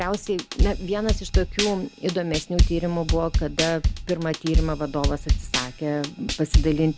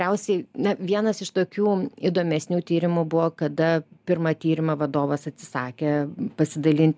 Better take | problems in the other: second | background sound (Drum kit); 1 dB above the speech

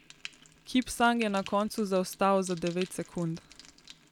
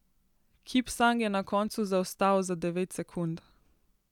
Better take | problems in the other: second | background sound (Frying (food)); 19 dB below the speech

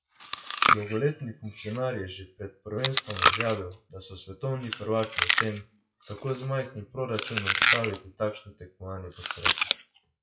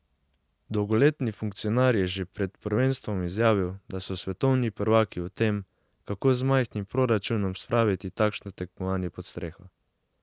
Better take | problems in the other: second | noise reduction (classical method WPE with log-MMSE)

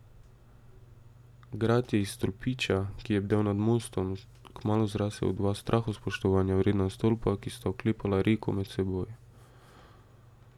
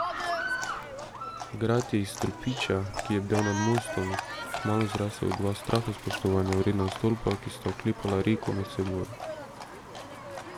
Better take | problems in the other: first | background sound (Livestock, farm animals, working animals); 7 dB below the speech

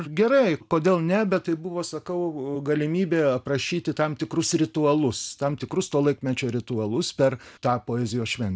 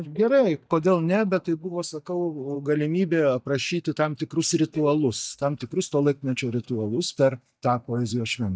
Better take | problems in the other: first | noise reduction (neural mask model DeepFilterNet 3)

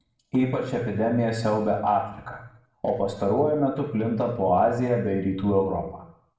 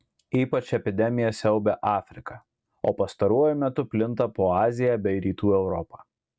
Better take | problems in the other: second | room echo; dies away in 0.7 s

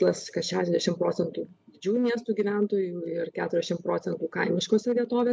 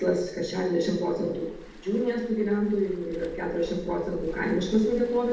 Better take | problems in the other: first | background sound (Waves, surf); 18 dB below the speech // room echo; dies away in 0.8 s

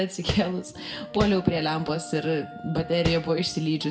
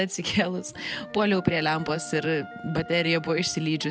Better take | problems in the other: second | background sound (Tap); 7 dB below the speech // room echo; dies away in 0.4 s

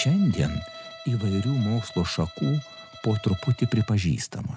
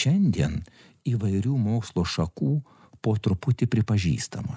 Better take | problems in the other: second | background sound (Bowed string instrument); 17 dB below the speech

